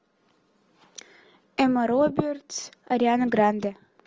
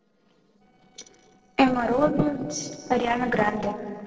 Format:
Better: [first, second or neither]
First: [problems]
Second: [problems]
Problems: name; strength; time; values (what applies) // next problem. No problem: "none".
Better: first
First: none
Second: noise reduction (neural separator model SepFormer DNS4)